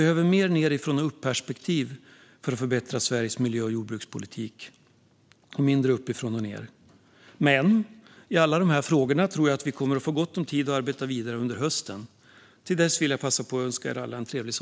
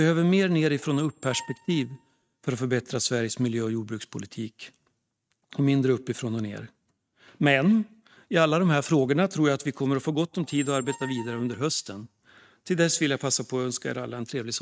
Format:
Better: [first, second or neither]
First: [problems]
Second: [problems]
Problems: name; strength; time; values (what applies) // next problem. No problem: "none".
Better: first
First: none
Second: noise reduction (neural mask model RNNoise)